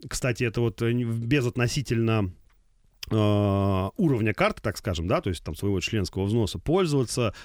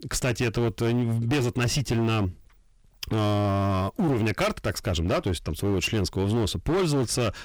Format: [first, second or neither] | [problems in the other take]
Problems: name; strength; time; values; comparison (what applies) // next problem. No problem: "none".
first | distortion; heavy; 19% of the sound clipped